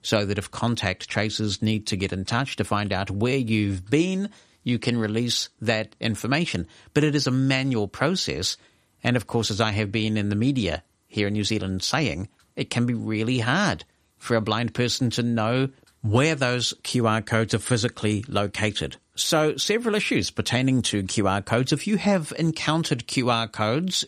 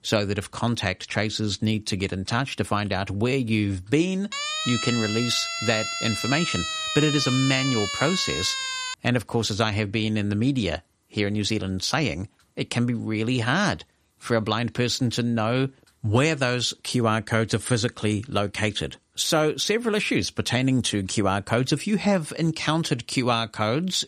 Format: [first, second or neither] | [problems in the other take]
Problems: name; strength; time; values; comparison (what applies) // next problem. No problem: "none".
first | siren; noticeable; from 4.5 to 9 s; peak 1 dB below the speech